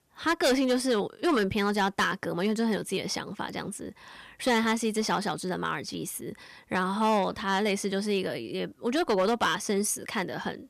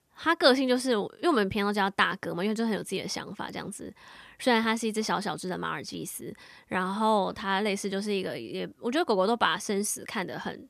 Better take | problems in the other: second | distortion; slight; 4% of the sound clipped

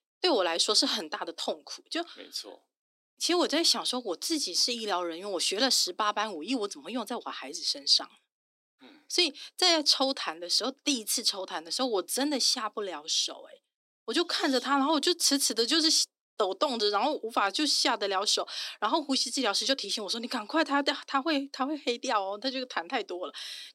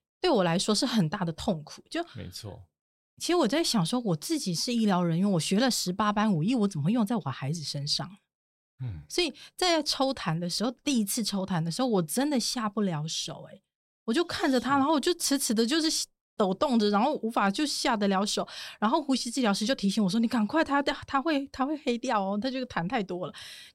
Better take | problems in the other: second | thin; very slightly; fading below 250 Hz

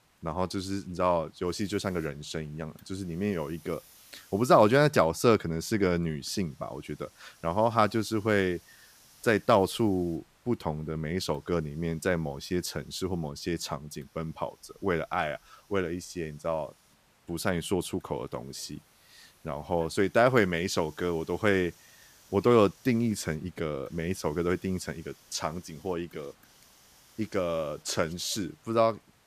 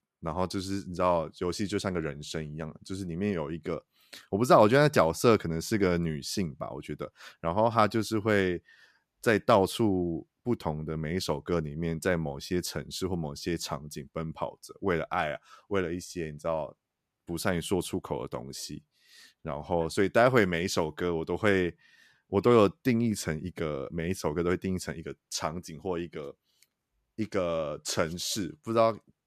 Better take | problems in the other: second | hiss; faint; throughout; 30 dB below the speech

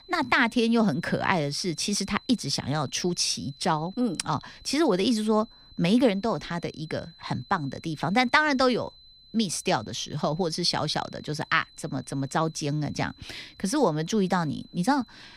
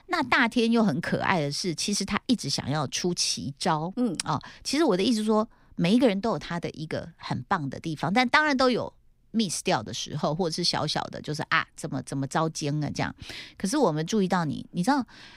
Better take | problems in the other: second | high-pitched whine; faint; throughout; 4 kHz, 25 dB below the speech

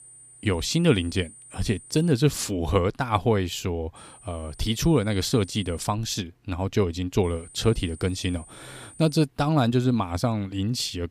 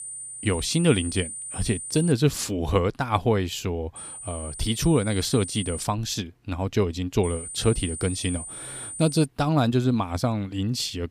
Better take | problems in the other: first | high-pitched whine; loud; until 2 s, from 4 to 6 s and from 7 to 9.5 s; 9 kHz, 9 dB below the speech; faint in the first

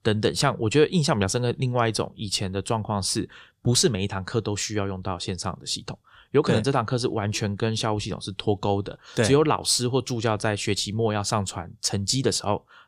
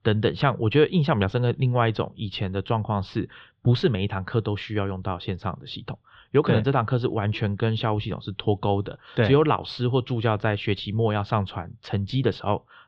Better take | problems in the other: first | muffled; very; fading above 3.5 kHz

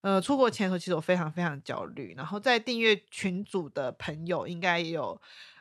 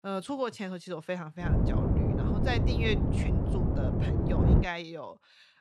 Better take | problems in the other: first | wind noise on the microphone; heavy; from 1.5 to 4.5 s; as loud as the speech

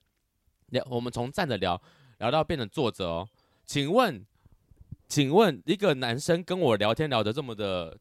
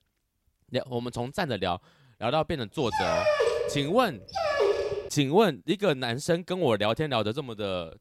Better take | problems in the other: first | dog barking; loud; from 3 to 5 s; peak 4 dB above the speech

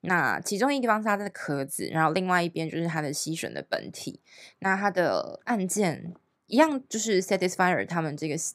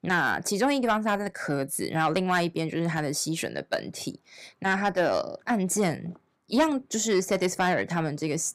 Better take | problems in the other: first | distortion; slight; 10 dB below the speech

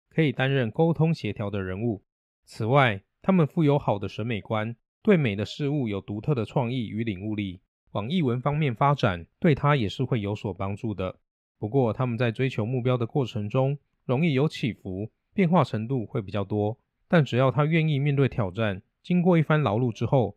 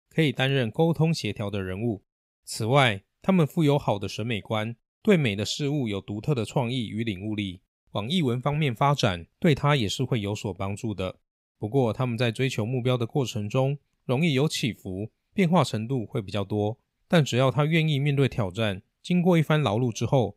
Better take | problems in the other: second | muffled; slightly; fading above 4 kHz

